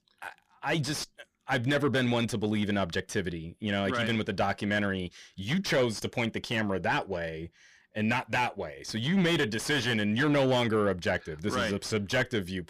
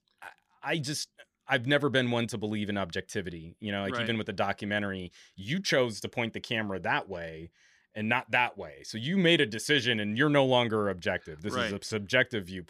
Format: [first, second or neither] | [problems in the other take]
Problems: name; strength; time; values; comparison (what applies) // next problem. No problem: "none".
second | distortion; heavy; 7 dB below the speech